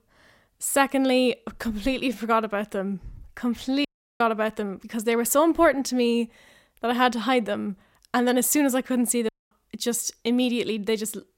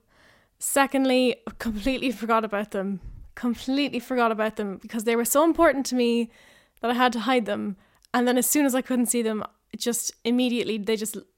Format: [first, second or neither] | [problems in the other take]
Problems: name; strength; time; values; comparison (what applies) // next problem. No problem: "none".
second | audio cutting out; at 4 s and at 9.5 s